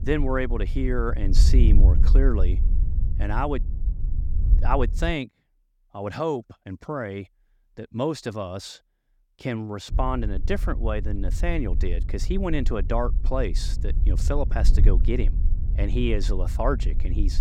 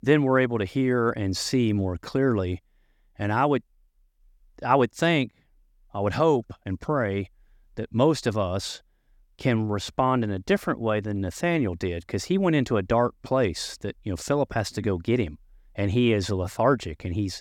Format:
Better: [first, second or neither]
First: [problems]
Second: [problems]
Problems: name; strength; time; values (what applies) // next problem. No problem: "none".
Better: second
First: wind noise on the microphone; occasional gusts; until 5 s and from 10 s on; 15 dB below the speech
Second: none